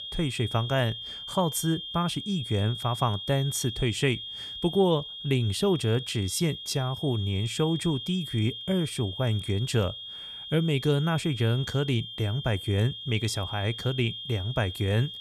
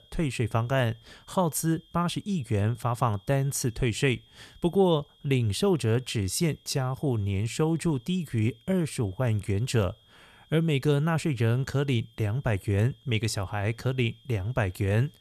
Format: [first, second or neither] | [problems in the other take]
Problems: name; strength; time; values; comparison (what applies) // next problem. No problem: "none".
second | high-pitched whine; loud; throughout; 3.5 kHz, 8 dB below the speech; faint in the second